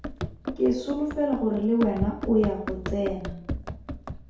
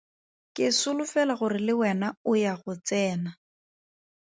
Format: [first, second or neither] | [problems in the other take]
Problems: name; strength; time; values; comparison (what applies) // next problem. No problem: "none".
second | background sound (Run); 7 dB below the speech // room echo; dies away in 2.3 s